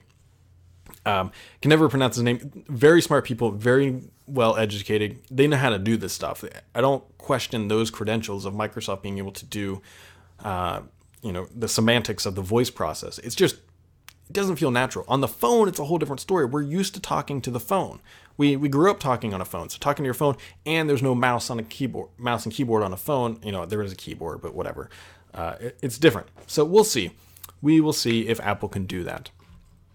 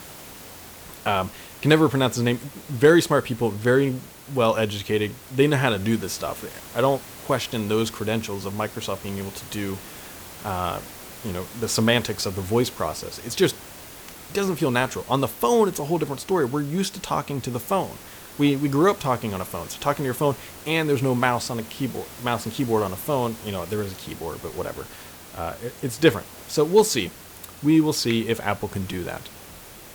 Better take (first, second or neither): first